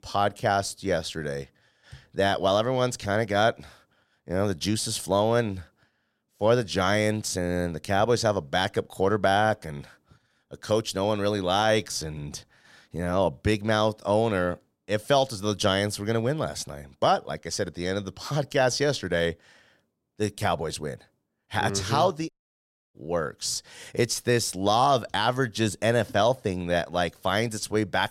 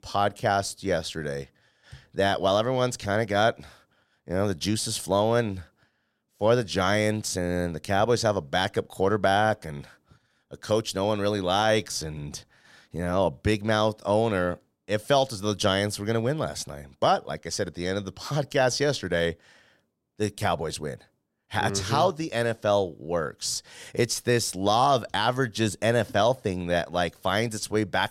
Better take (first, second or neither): second